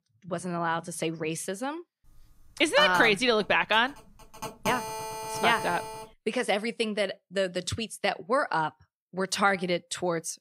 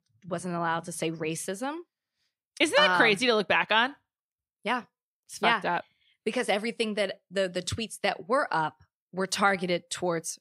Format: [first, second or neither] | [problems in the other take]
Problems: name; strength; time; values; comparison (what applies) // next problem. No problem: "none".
second | phone ringing; noticeable; from 2 to 6 s; peak 6 dB below the speech